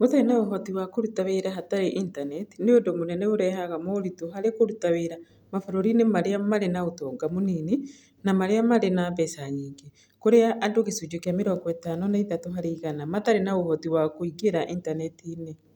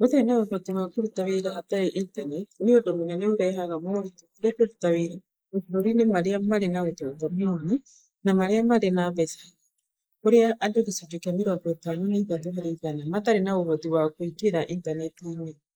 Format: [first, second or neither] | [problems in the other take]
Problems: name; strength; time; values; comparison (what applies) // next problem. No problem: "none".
first | noise reduction (neural mask model Resemble Enhance denoiser)